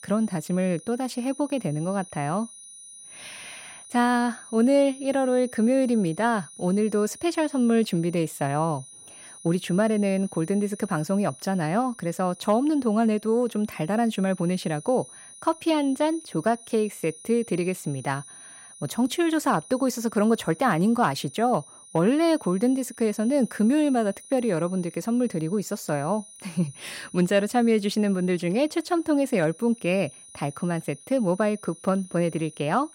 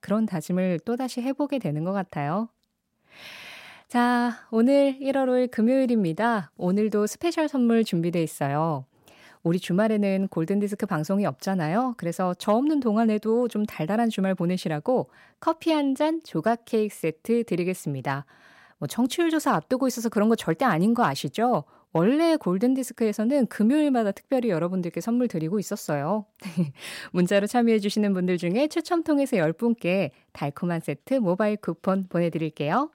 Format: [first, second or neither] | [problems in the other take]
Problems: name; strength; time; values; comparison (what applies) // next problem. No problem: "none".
second | high-pitched whine; noticeable; throughout; 9.5 kHz, 20 dB below the speech